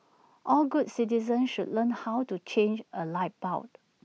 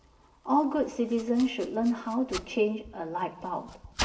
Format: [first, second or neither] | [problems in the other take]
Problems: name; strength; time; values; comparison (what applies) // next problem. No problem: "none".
first | background sound (Domestic sounds, home sounds); 13 dB below the speech // room echo; dies away in 0.8 s